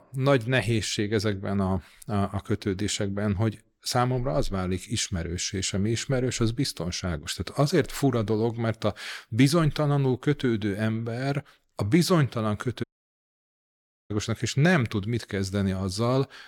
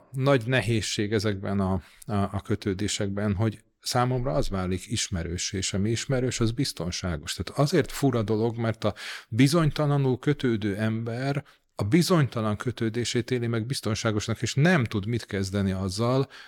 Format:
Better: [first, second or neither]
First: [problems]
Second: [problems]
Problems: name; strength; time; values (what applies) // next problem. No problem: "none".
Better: second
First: audio cutting out; at 13 s for 1.5 s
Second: none